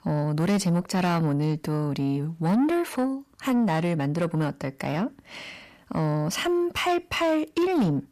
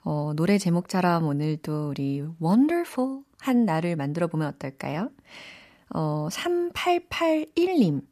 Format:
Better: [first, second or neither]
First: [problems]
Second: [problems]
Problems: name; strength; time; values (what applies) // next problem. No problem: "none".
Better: second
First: distortion; slight; 10 dB below the speech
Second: none